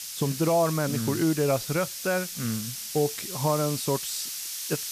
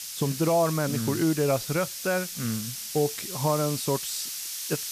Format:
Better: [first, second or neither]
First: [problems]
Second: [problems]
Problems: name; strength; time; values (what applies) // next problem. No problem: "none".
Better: neither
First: hiss; loud; throughout; 5 dB below the speech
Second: hiss; loud; throughout; 5 dB below the speech